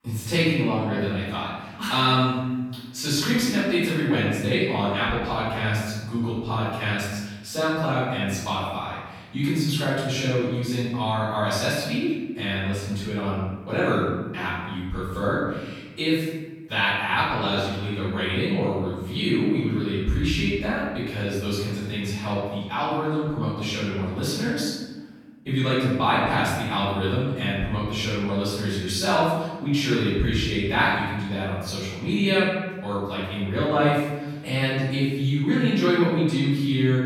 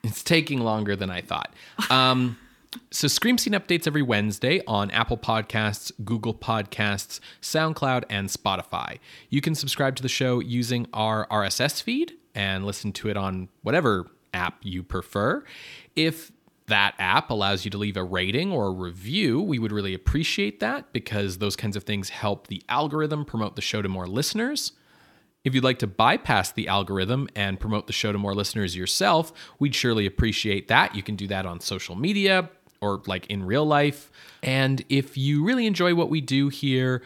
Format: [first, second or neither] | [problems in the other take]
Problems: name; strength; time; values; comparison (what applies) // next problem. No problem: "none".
second | room echo; strong; dies away in 1.2 s // off-mic speech; far